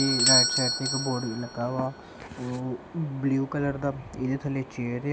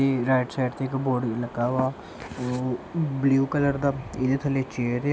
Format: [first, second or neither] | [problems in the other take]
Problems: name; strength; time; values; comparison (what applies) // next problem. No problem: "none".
second | background sound (Bell / Doorbell); 1 dB below the speech